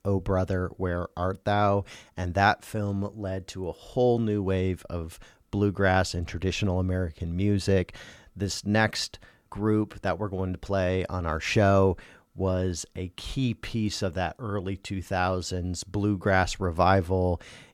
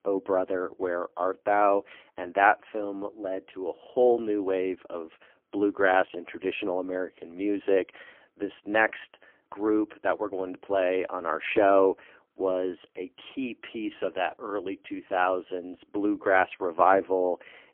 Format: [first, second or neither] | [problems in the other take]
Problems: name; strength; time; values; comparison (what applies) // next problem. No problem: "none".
first | phone-call audio; poor line